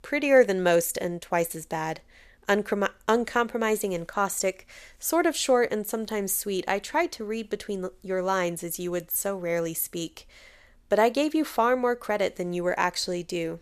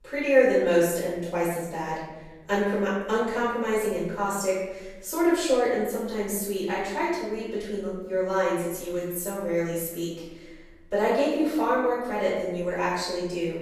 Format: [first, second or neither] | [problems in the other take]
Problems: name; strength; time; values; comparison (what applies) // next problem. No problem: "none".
first | off-mic speech; far // room echo; strong; dies away in 1 s